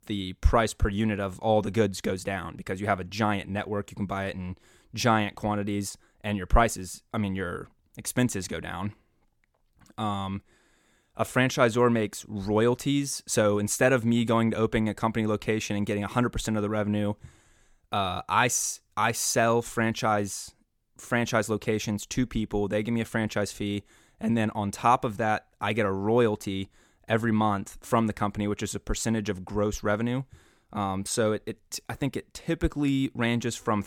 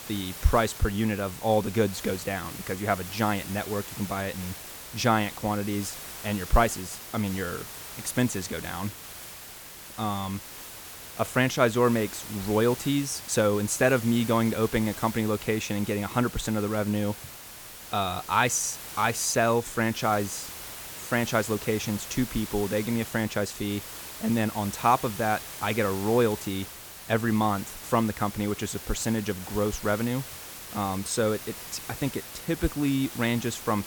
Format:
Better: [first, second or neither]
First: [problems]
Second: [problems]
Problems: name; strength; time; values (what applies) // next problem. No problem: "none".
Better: first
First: none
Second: hiss; noticeable; throughout; 10 dB below the speech